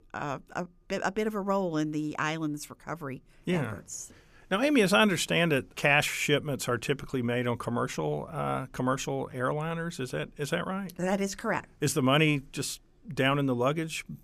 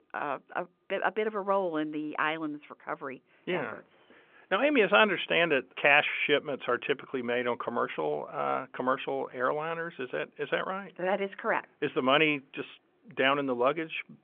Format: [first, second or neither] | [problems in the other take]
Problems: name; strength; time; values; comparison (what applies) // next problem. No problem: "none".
first | phone-call audio; nothing above 3.5 kHz